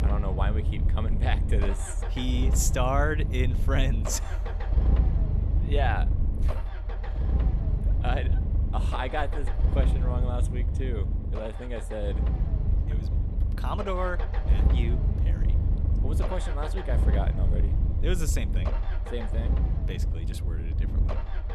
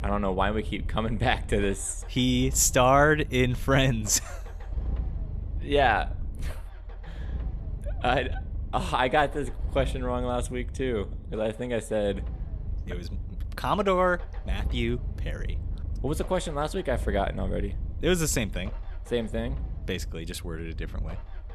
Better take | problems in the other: second | low rumble; loud; throughout; 7 dB below the speech; faint in the second

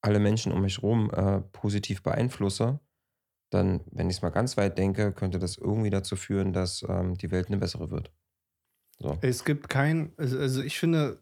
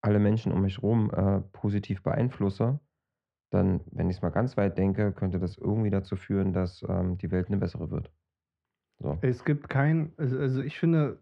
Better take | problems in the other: first | muffled; very; fading above 2 kHz

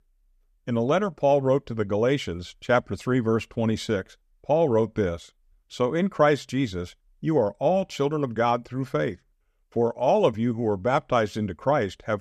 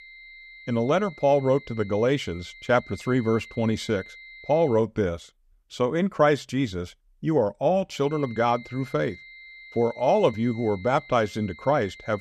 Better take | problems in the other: first | high-pitched whine; noticeable; until 4.5 s and from 8 s on; 2 kHz, 20 dB below the speech

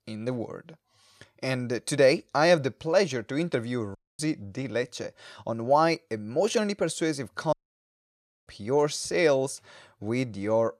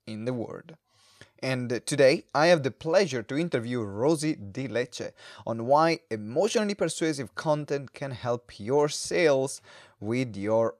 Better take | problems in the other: second | audio cutting out; at 4 s and at 7.5 s for 1 s

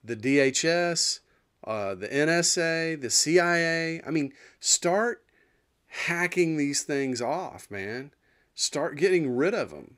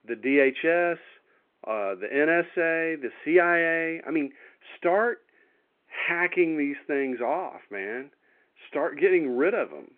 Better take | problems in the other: first | phone-call audio

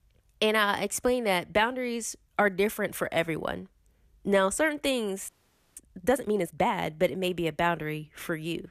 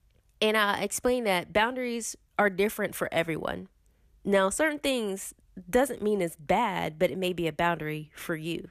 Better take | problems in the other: second | audio freezing; at 5.5 s

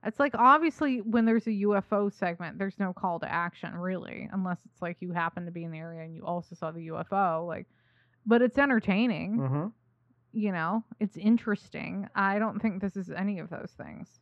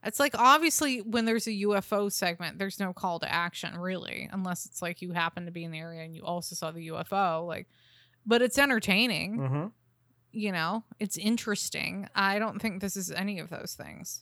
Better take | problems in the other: second | muffled; very; fading above 1.5 kHz

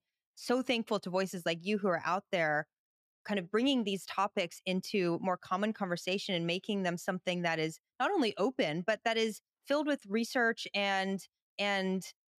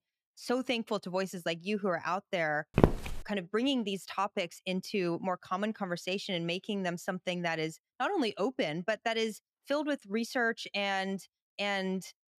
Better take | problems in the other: first | footsteps; loud; at 3 s; peak 6 dB above the speech

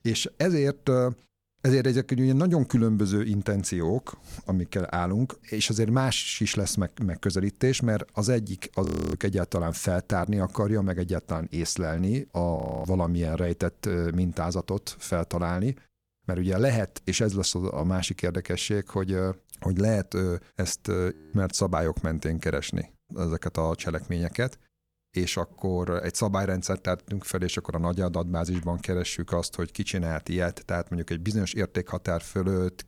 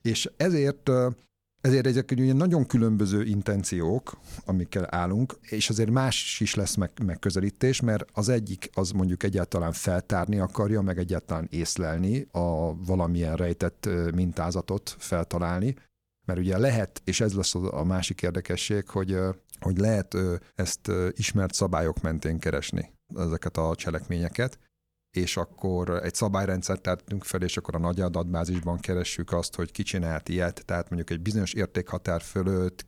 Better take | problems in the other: second | audio freezing; at 9 s, at 13 s and at 21 s

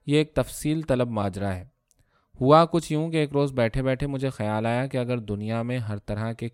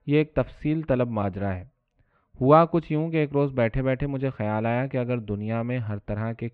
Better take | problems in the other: first | muffled; very; fading above 2.5 kHz

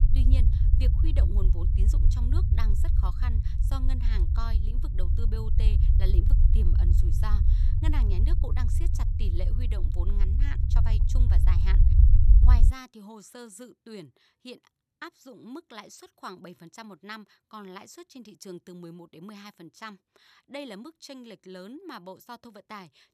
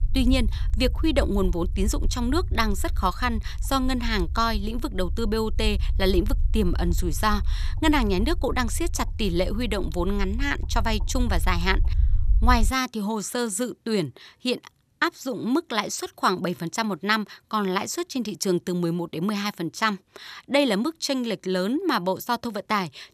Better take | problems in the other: second | low rumble; loud; until 13 s; 1 dB below the speech; faint in the second

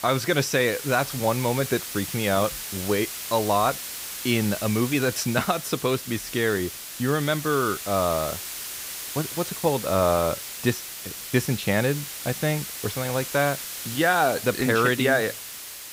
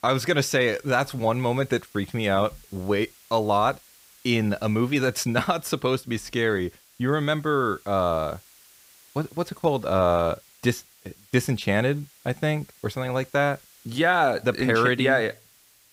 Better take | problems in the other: second | hiss; loud; throughout; 8 dB below the speech; faint in the second

